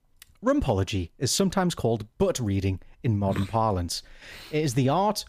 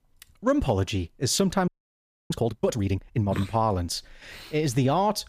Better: first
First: none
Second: audio freezing; at 1.5 s for 0.5 s

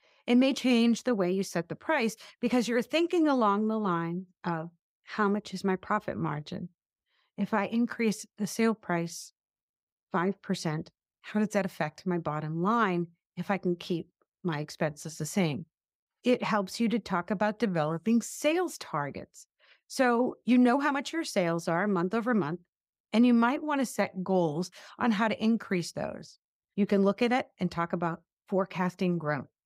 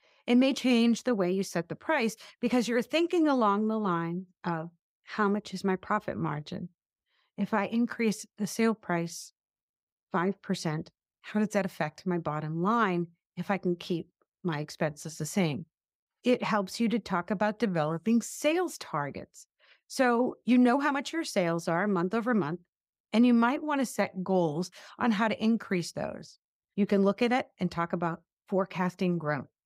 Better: neither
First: none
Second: none

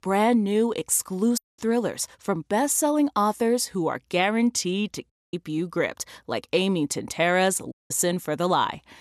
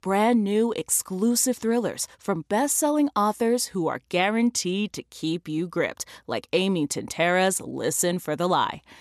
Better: second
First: audio cutting out; at 1.5 s, at 5 s and at 7.5 s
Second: none

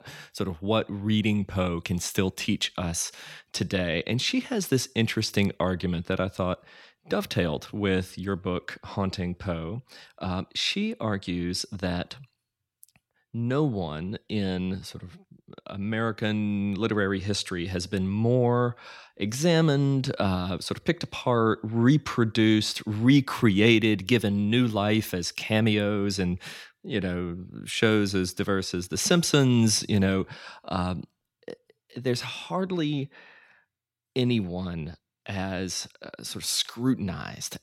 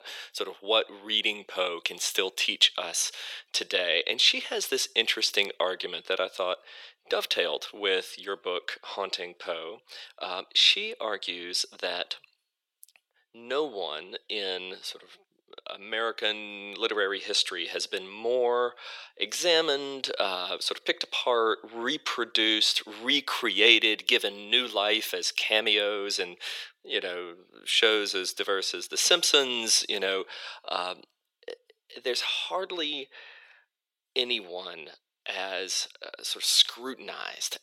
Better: first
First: none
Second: thin; very; fading below 450 Hz

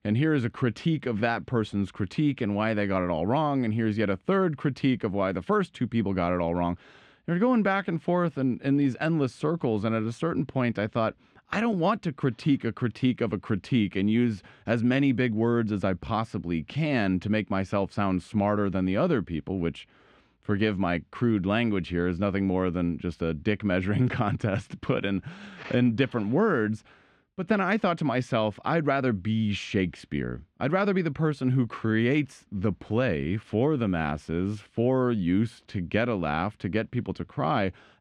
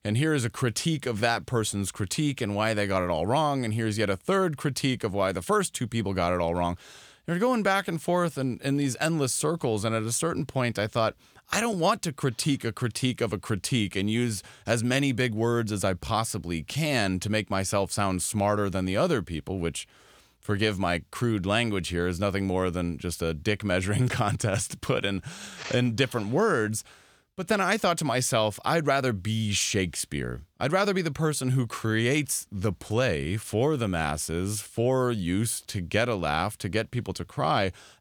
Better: second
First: muffled; slightly; fading above 2.5 kHz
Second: none

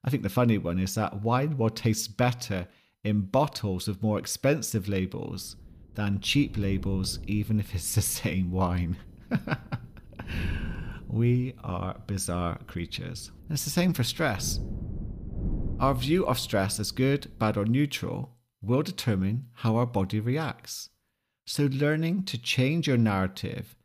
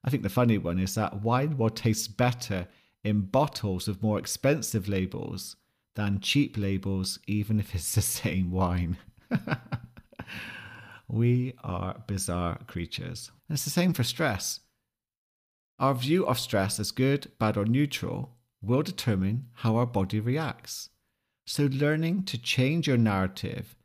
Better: second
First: wind noise on the microphone; occasional gusts; from 5.5 to 18 s; 20 dB below the speech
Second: none

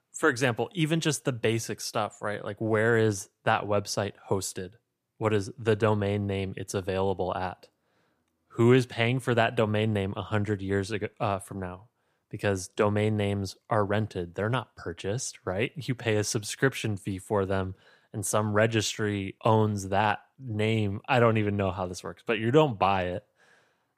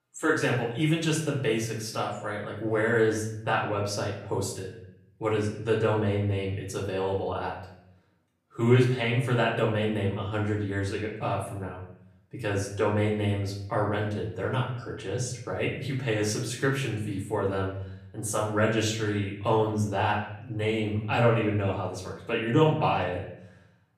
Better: first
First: none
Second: room echo; slight; dies away in 0.7 s // off-mic speech; far

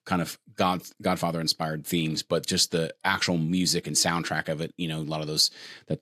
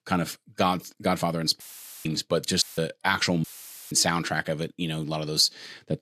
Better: first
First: none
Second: audio cutting out; filled with static; at 1.5 s, at 2.5 s and at 3.5 s

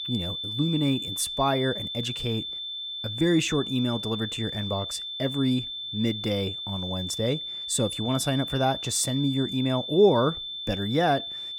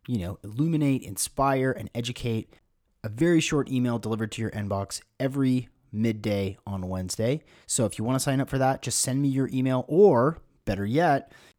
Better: second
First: high-pitched whine; loud; throughout; 3.5 kHz, 5 dB below the speech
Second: none

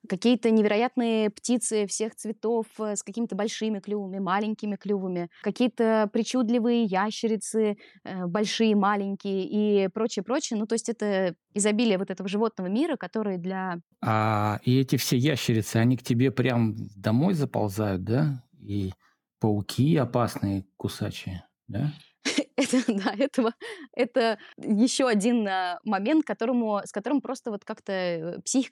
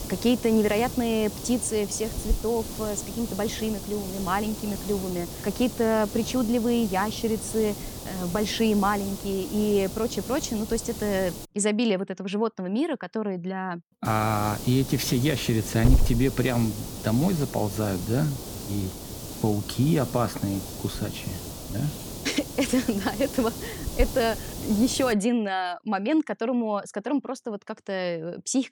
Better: first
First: none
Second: hiss; loud; until 11 s and from 14 to 25 s; 8 dB below the speech

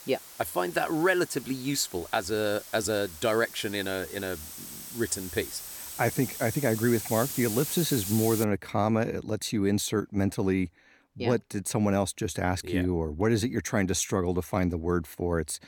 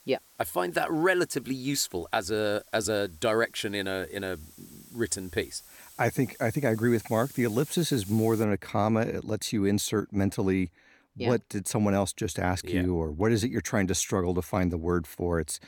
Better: second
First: hiss; loud; until 8.5 s; 9 dB below the speech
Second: hiss; faint; until 8.5 s; 20 dB below the speech

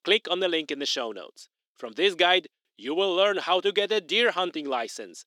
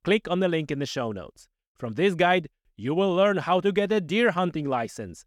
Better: second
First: thin; somewhat; fading below 300 Hz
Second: none

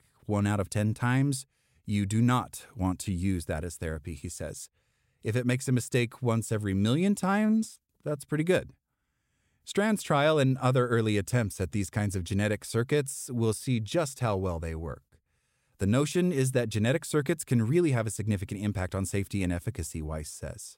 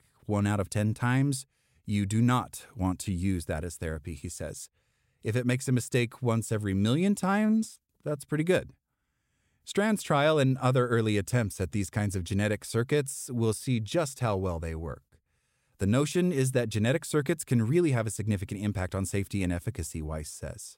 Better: neither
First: none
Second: none

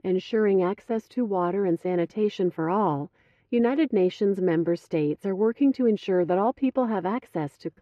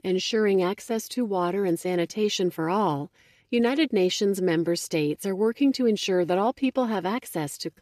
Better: second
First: muffled; very; fading above 3.5 kHz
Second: none

